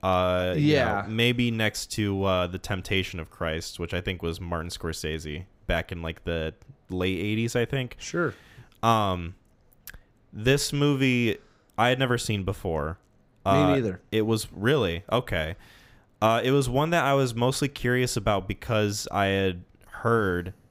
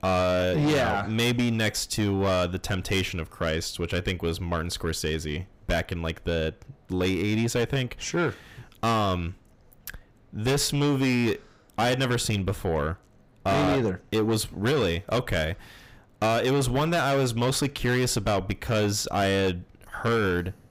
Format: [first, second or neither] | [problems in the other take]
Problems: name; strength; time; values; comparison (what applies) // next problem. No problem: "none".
first | distortion; heavy; 7 dB below the speech